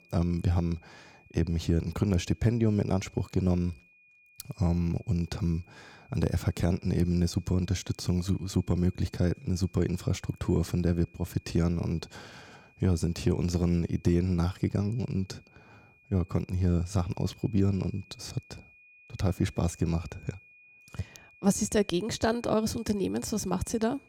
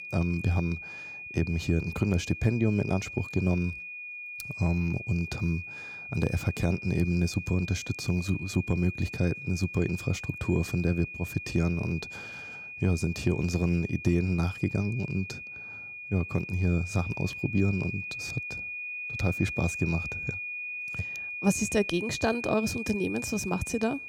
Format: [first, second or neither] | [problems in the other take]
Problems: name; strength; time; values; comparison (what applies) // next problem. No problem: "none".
first | high-pitched whine; loud; throughout; 2.5 kHz, 7 dB below the speech; faint in the first